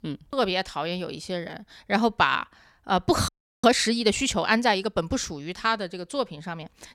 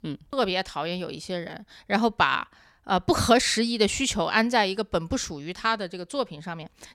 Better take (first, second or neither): second